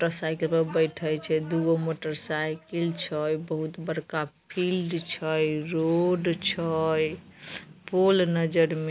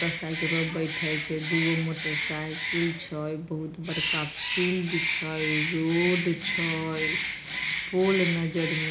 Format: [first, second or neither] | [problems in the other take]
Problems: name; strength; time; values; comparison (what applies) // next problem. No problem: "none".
first | background sound (Bird); 2 dB below the speech // room echo; dies away in 0.4 s